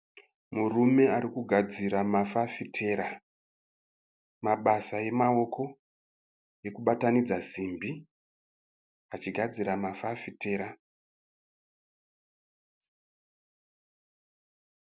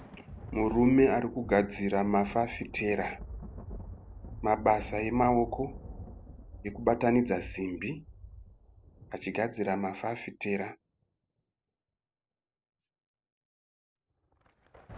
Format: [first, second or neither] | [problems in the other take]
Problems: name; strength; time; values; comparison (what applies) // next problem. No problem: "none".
first | background sound (Thunder); 15 dB below the speech